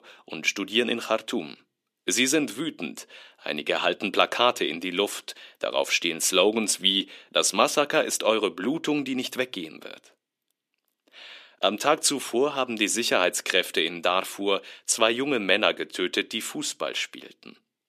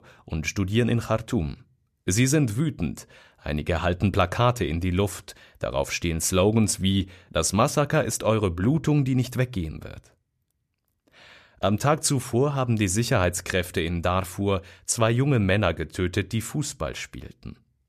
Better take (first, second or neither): second